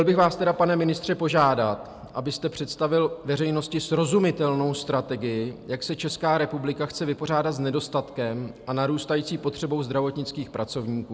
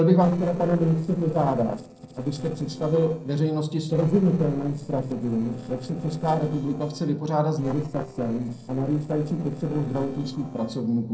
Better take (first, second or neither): first